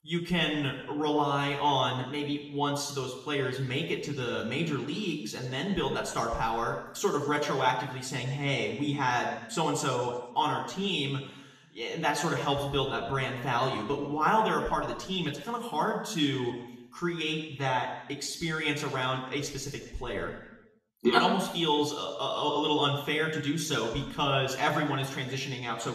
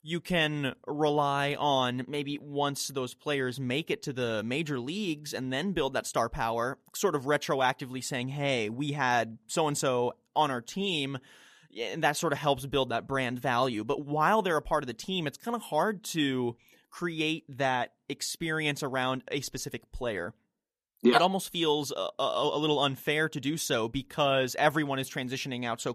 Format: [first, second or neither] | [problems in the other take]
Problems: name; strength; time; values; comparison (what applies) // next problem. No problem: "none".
second | room echo; noticeable; dies away in 1 s // off-mic speech; somewhat distant